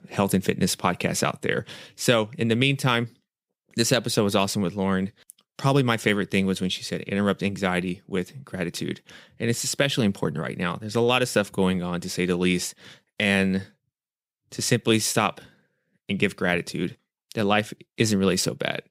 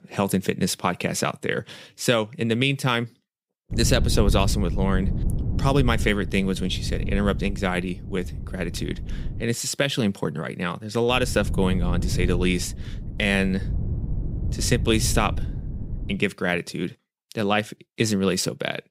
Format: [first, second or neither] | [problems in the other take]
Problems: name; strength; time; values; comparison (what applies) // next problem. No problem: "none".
first | wind noise on the microphone; occasional gusts; from 3.5 to 9.5 s and from 11 to 16 s; 15 dB below the speech